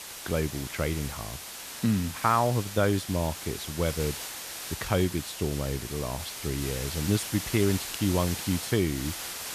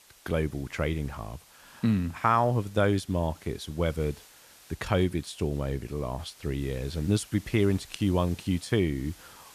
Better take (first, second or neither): second